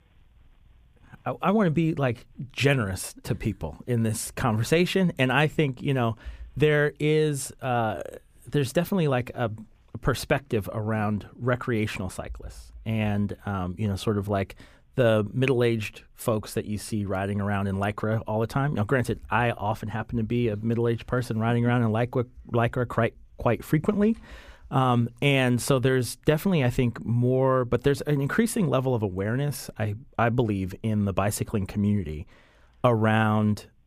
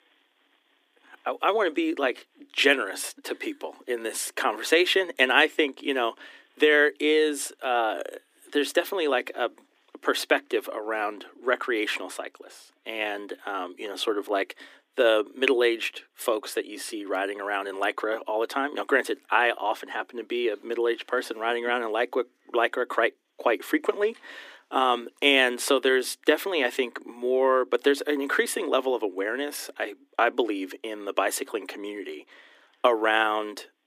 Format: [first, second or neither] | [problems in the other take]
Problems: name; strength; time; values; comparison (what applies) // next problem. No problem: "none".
first | thin; very; fading below 300 Hz